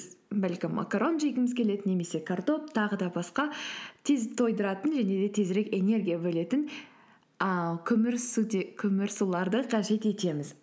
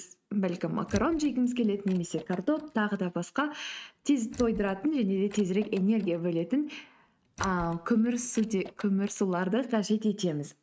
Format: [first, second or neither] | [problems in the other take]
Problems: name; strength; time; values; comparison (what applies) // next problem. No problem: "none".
first | noise reduction (neural mask model RNNoise)